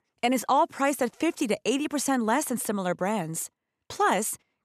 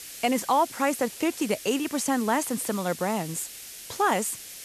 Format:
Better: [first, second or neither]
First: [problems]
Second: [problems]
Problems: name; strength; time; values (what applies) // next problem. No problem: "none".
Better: first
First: none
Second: hiss; noticeable; throughout; 10 dB below the speech